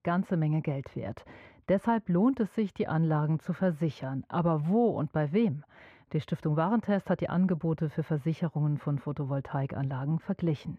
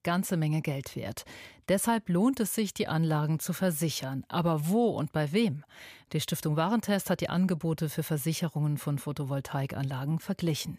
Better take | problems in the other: second | muffled; very; fading above 4 kHz

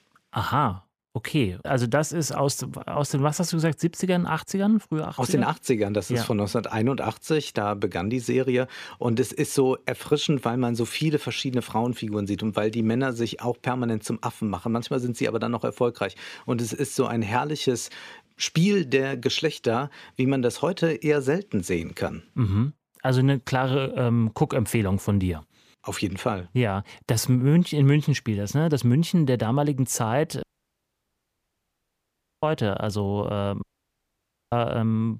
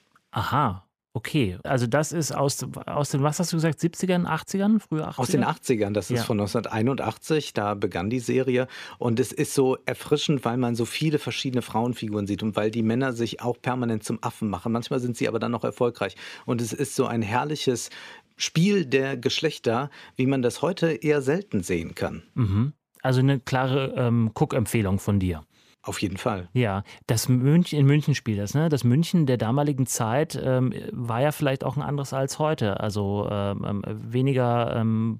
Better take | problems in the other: second | audio cutting out; at 30 s for 2 s and at 34 s for 1 s

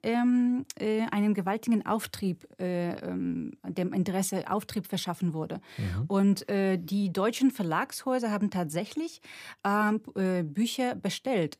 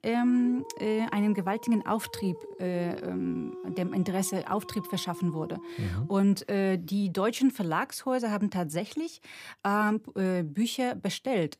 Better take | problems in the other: first | dog barking; faint; until 6 s; peak 10 dB below the speech

